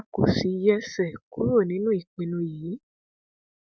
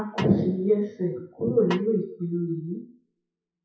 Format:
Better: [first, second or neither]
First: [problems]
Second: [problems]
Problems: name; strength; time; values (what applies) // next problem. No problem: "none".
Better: first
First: none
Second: noise reduction (classical method WPE with log-MMSE)